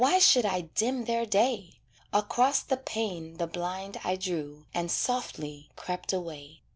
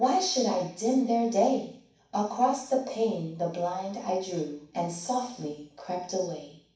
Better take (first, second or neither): first